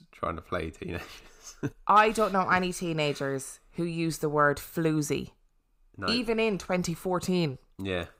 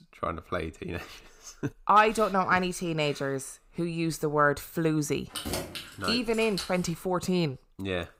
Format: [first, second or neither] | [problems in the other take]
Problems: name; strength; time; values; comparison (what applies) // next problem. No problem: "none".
first | jangling keys; noticeable; from 5.5 to 7 s; peak 5 dB below the speech